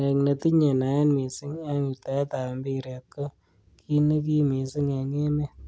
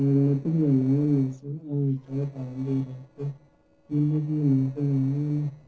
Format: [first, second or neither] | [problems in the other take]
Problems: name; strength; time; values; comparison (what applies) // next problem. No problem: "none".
first | noise reduction (neural separator model SepFormer DNS4)